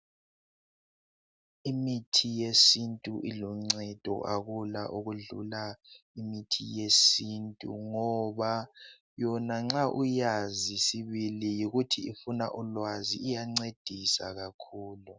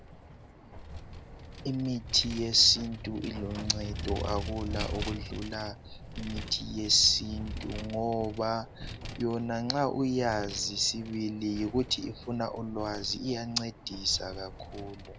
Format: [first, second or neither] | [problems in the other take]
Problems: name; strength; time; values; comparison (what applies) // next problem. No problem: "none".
first | background sound (Vehicle); 9 dB below the speech